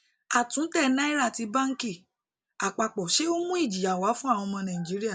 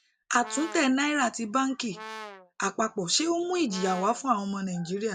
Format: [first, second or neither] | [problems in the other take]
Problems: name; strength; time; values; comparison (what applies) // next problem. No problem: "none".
first | background sound (Brass instrument); 15 dB below the speech